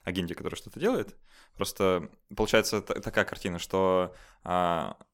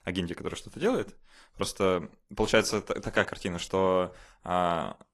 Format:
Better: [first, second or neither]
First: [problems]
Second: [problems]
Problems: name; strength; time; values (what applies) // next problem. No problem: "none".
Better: first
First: none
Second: garbled, watery; slightly; nothing above 11.5 kHz